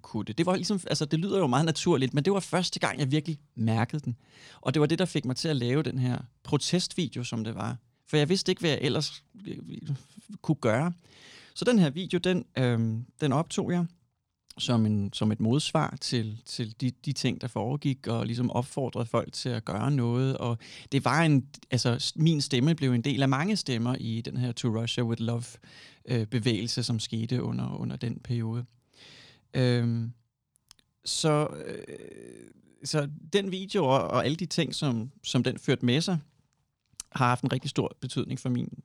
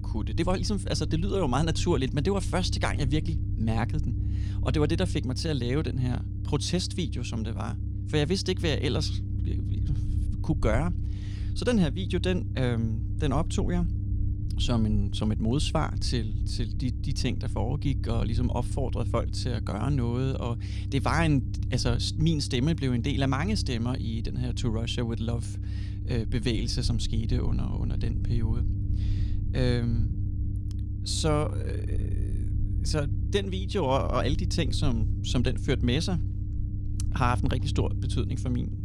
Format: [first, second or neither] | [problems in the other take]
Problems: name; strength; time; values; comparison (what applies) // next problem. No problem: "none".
first | low rumble; noticeable; throughout; 15 dB below the speech